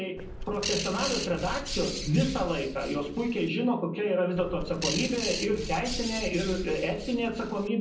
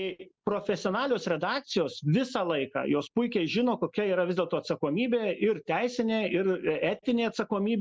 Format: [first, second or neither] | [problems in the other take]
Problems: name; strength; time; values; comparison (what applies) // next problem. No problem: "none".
second | background sound (Bird); 7 dB below the speech // room echo; dies away in 0.6 s